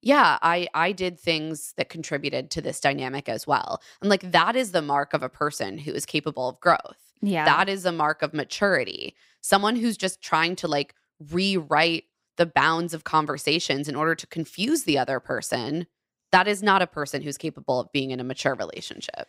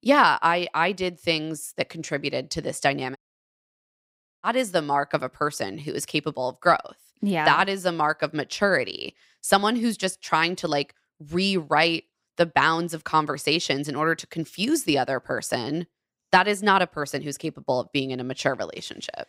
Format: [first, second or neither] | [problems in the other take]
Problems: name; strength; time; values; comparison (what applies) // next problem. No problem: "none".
first | audio cutting out; at 3 s for 1.5 s